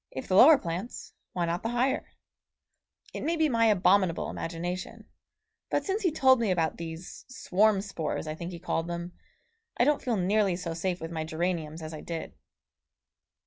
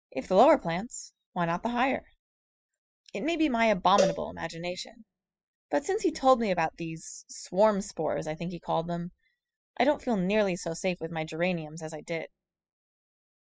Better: first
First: none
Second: noise reduction (classical method spectral subtraction)

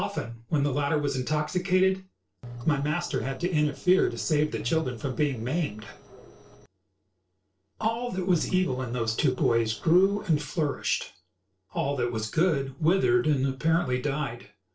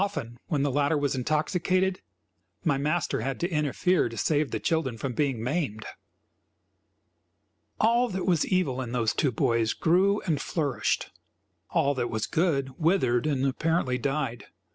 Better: second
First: noise reduction (neural separator model SepFormer DNS4)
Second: none

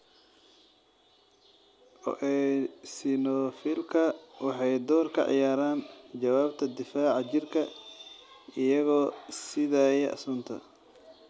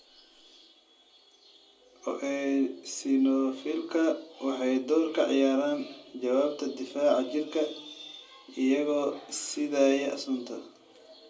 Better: first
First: none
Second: room echo; dies away in 0.2 s

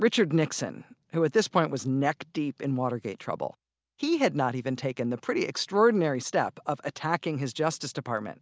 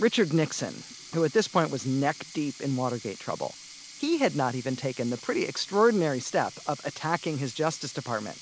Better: first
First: none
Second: background sound (Sink (filling or washing)); 18 dB below the speech

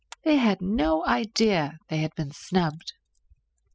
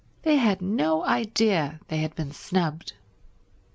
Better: second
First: noise reduction (classical method spectral subtraction)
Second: none

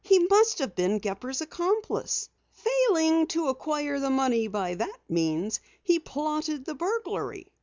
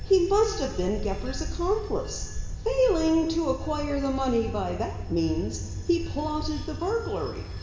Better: first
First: none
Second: background sound (Bell / Train); 6 dB below the speech // room echo; dies away in 1.2 s

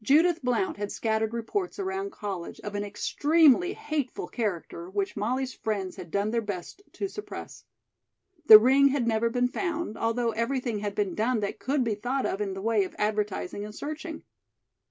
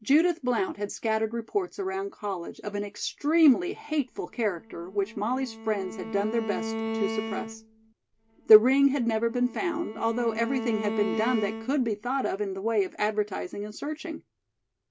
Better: first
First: none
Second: background sound (Bowed string instrument); 8 dB below the speech

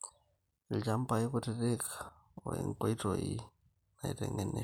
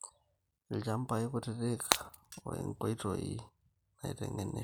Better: first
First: none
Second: background sound (Shatter); 1 dB below the speech

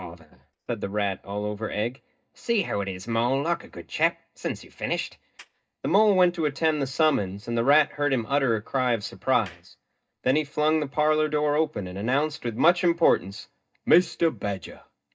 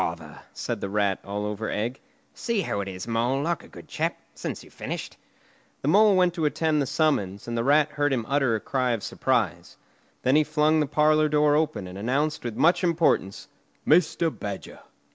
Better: second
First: noise reduction (neural mask model DeepFilterNet 3)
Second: none

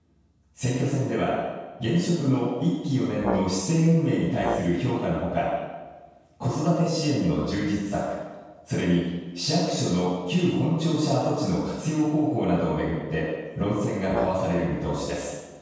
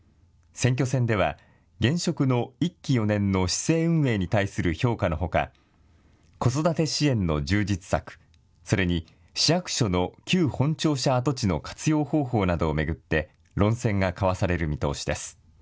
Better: second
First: background sound (Brass instrument); 8 dB below the speech // room echo; dies away in 1.2 s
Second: none

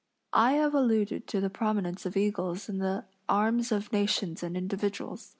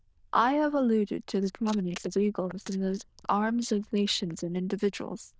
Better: first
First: none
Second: noise reduction (neural diffusion model UNIVERSE++)

